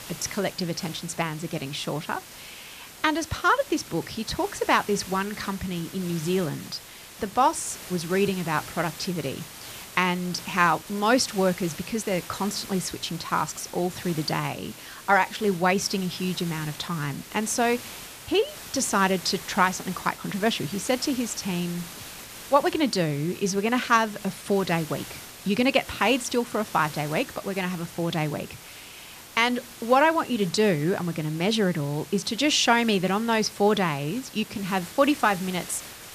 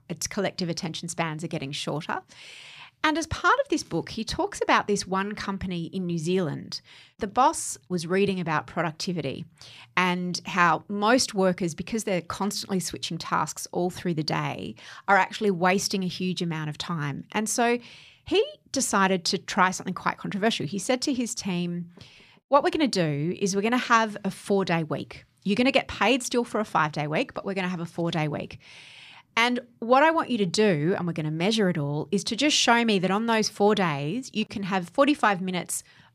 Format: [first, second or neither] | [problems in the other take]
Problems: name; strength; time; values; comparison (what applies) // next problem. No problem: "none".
second | hiss; noticeable; throughout; 15 dB below the speech